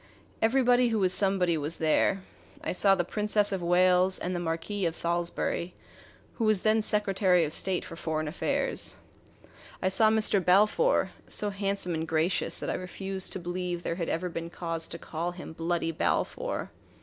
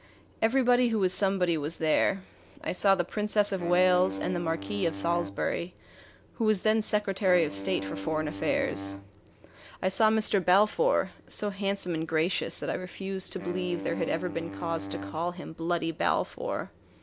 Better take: first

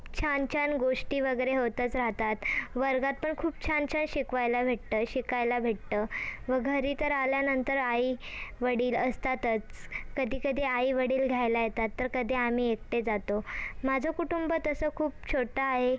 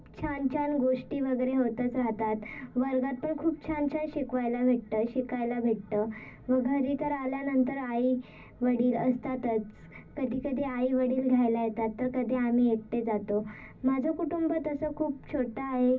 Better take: first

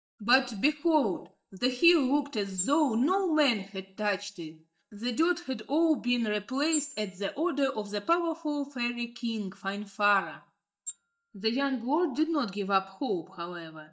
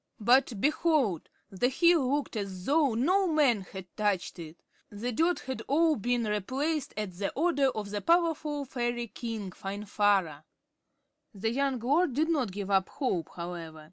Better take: second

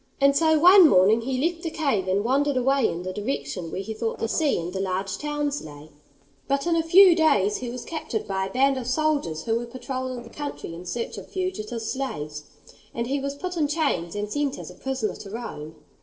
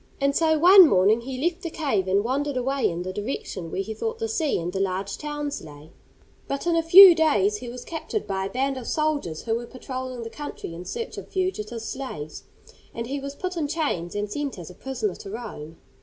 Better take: second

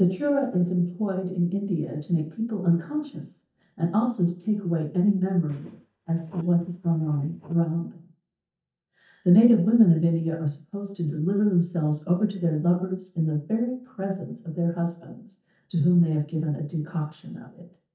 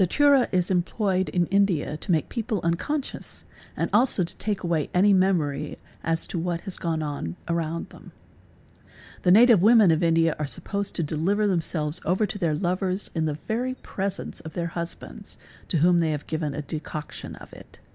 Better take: second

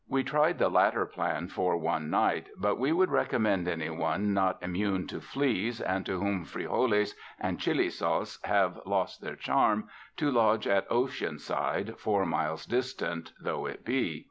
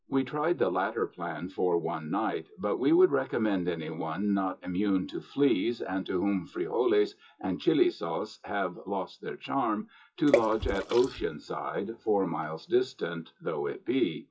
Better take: first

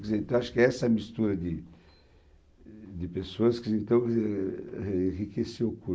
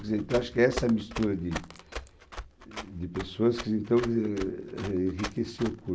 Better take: first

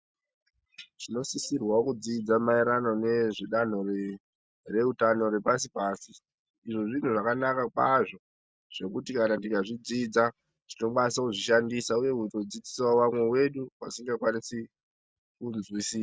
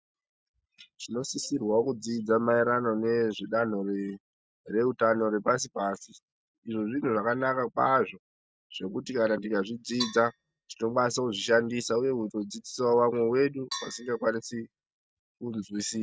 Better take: first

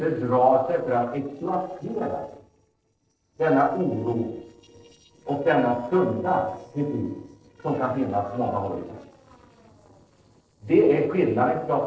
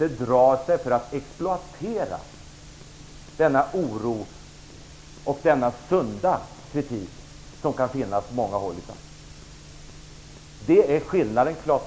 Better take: second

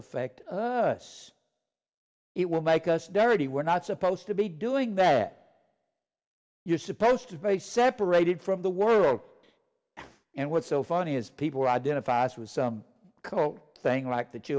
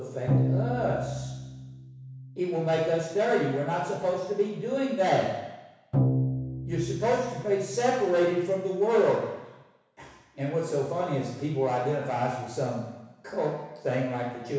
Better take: first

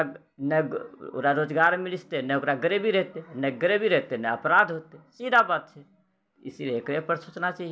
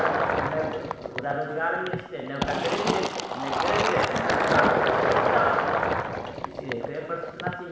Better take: first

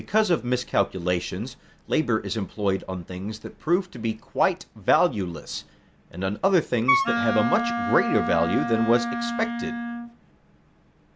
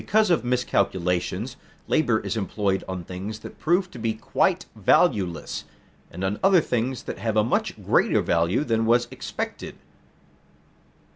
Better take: second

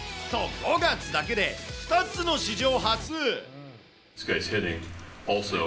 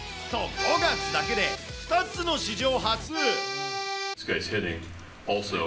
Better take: first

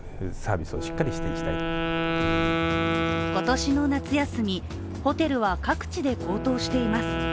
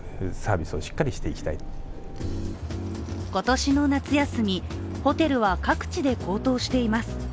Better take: second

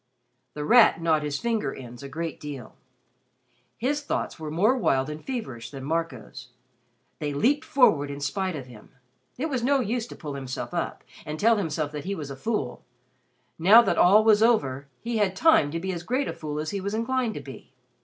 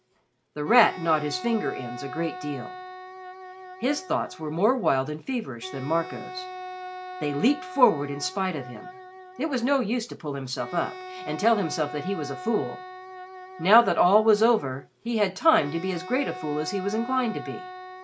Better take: first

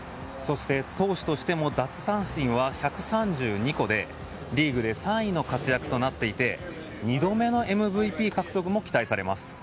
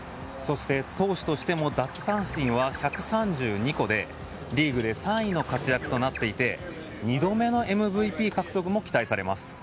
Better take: first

